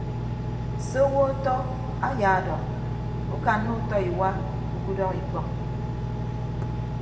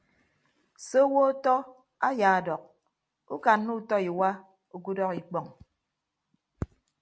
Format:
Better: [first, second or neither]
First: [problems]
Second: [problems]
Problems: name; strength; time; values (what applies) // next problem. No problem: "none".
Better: second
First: background sound (Engine); as loud as the speech // room echo; dies away in 1.4 s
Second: none